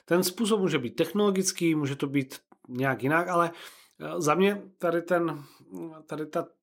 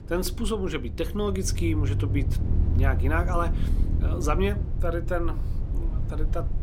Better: first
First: none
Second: low rumble; noticeable; throughout; 10 dB below the speech

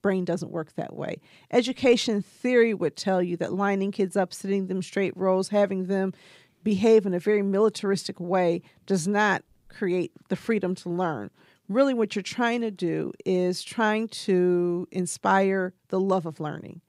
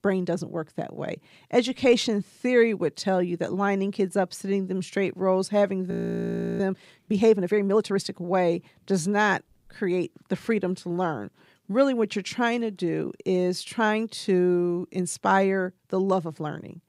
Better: first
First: none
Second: audio freezing; at 6 s for 0.5 s

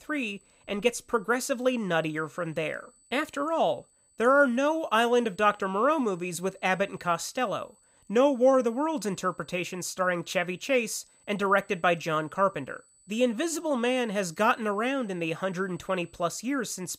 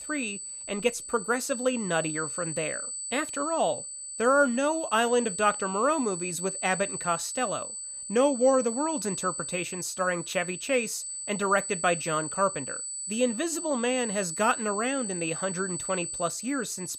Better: first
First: high-pitched whine; faint; throughout; 8 kHz, 30 dB below the speech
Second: high-pitched whine; loud; throughout; 8 kHz, 5 dB below the speech

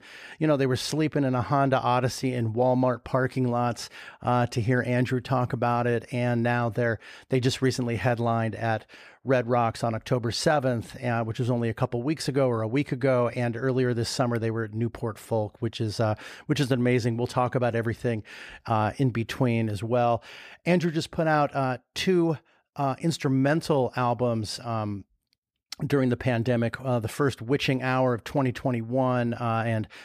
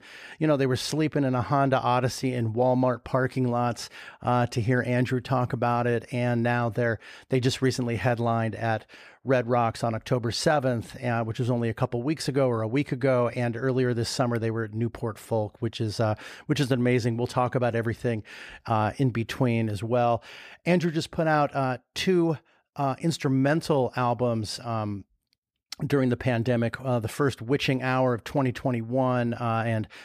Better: neither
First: none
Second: none

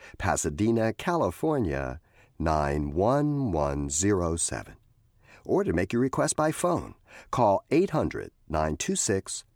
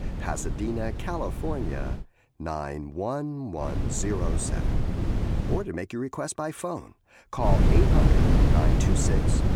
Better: first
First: none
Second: wind noise on the microphone; heavy; until 2 s, from 3.5 to 5.5 s and from 7.5 s on; 2 dB below the speech

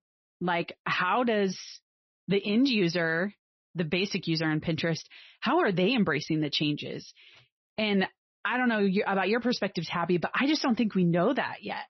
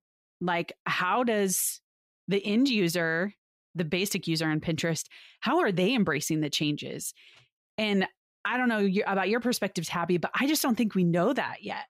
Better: second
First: garbled, watery; slightly; nothing above 6 kHz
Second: none

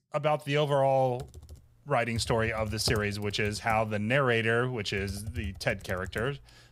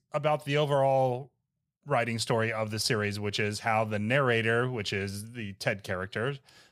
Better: second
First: keyboard typing; noticeable; from 1 s on; peak 8 dB below the speech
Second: none

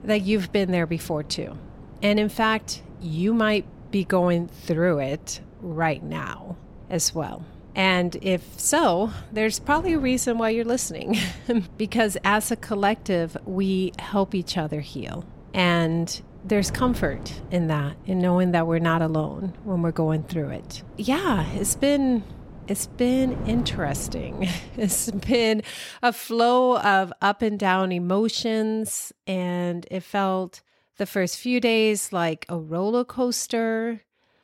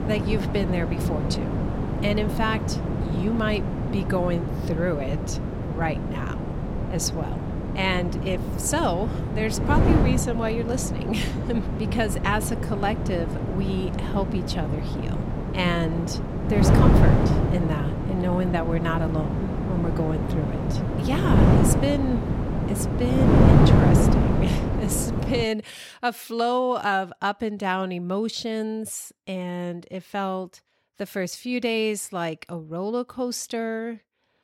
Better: first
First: wind noise on the microphone; occasional gusts; until 25 s; 20 dB below the speech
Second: wind noise on the microphone; heavy; until 25 s; 2 dB below the speech

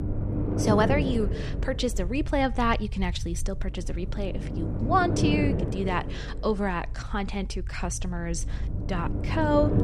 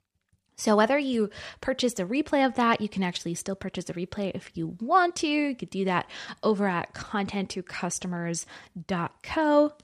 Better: second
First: low rumble; loud; throughout; 7 dB below the speech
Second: none

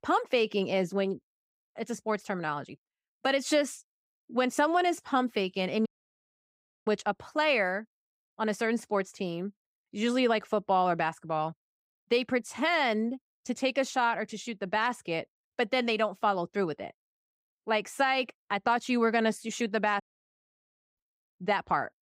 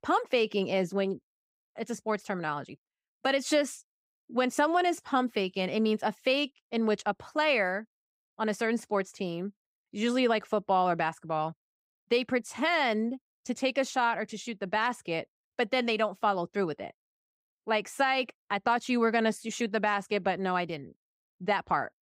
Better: second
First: audio cutting out; at 6 s for 1 s and at 20 s for 1 s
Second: none

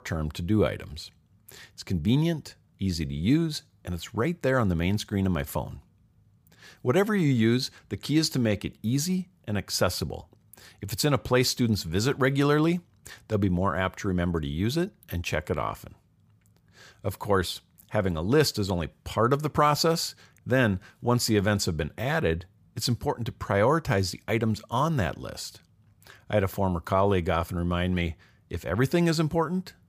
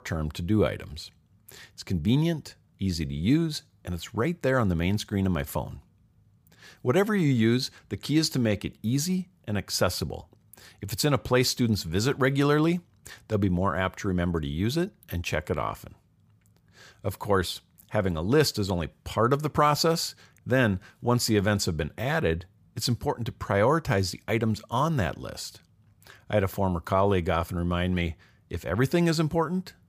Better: neither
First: none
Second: none

